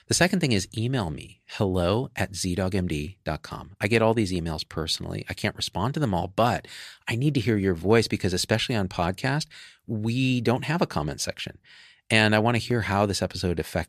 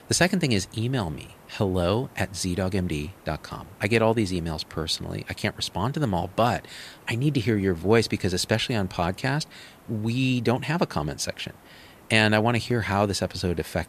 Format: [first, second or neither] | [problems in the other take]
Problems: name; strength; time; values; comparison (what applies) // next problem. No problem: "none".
first | hiss; faint; throughout; 25 dB below the speech